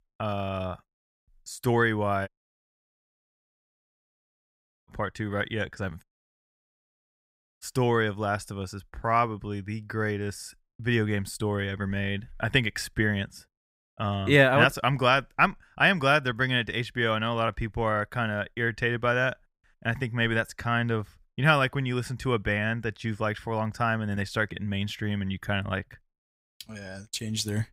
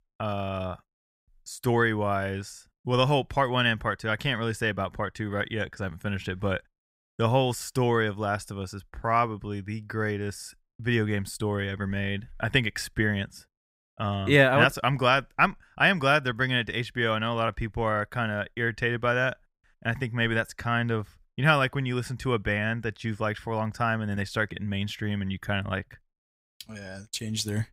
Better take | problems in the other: second | audio cutting out; at 2.5 s for 2.5 s and at 6 s for 1.5 s

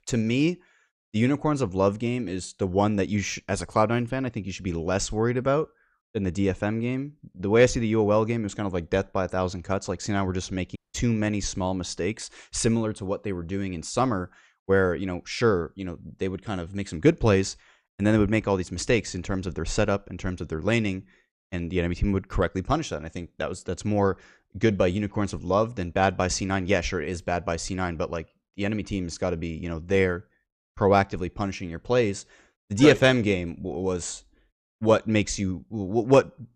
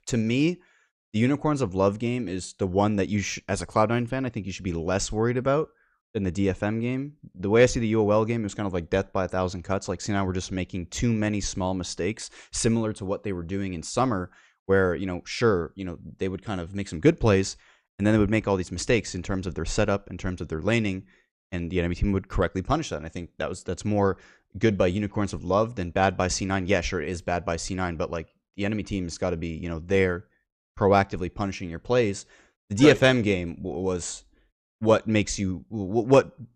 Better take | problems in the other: second | audio cutting out; at 11 s

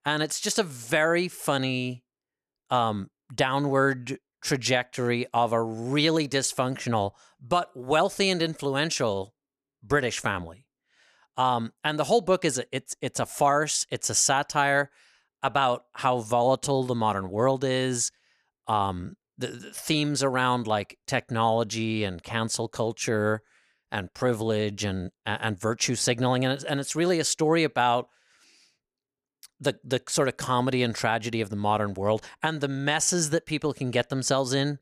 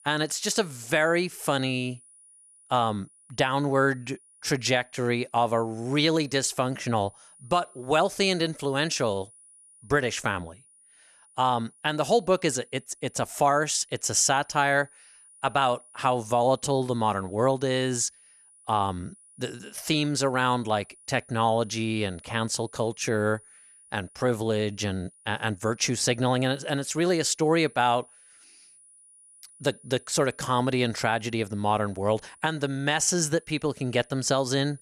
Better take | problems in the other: first | high-pitched whine; faint; throughout; 9.5 kHz, 25 dB below the speech

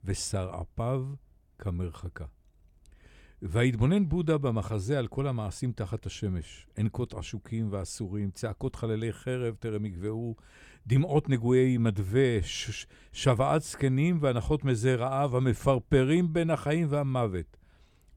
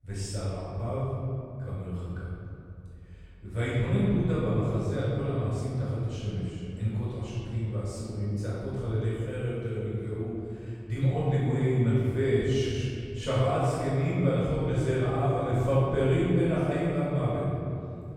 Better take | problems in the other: first | off-mic speech; far // room echo; strong; dies away in 2.6 s

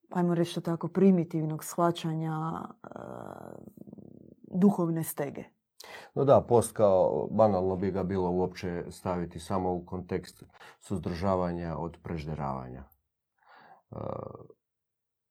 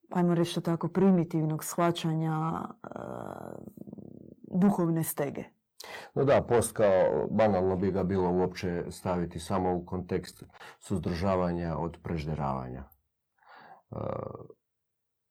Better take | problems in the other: first | distortion; slight; 10 dB below the speech

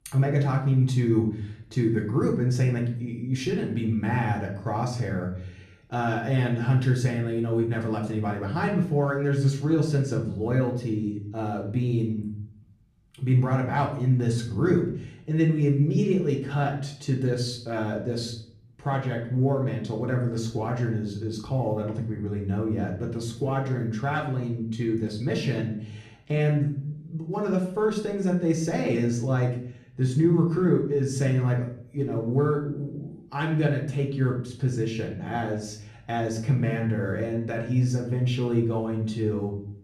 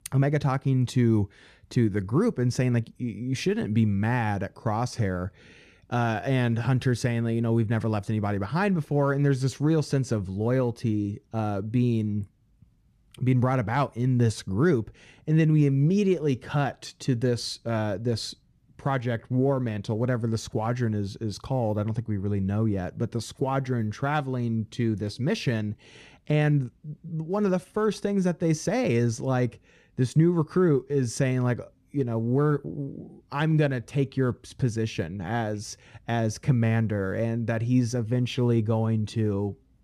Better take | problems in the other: second | room echo; slight; dies away in 0.5 s // off-mic speech; far

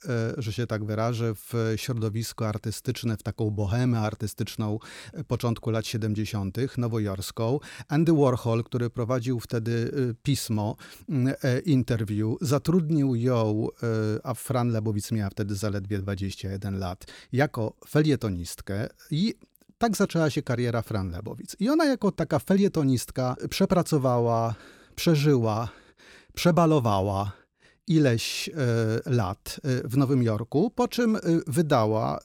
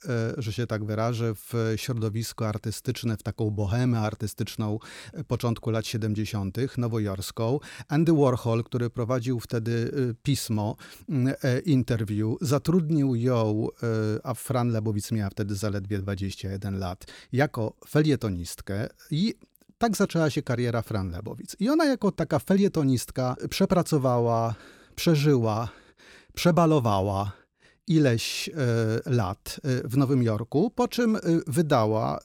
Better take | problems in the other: neither | none

